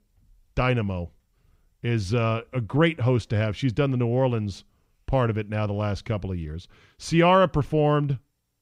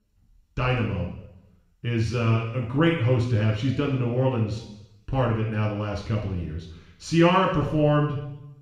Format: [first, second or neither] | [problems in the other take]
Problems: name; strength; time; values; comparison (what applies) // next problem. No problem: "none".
first | room echo; noticeable; dies away in 0.8 s // off-mic speech; far